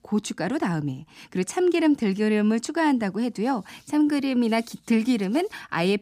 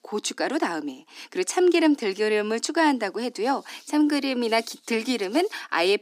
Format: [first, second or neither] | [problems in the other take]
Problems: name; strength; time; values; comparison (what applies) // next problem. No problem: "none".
first | thin; somewhat; fading below 300 Hz